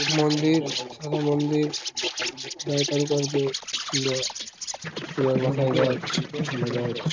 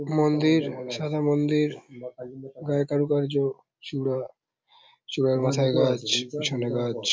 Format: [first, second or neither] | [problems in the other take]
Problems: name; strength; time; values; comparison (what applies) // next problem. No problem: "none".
second | noise reduction (neural mask model RNNoise)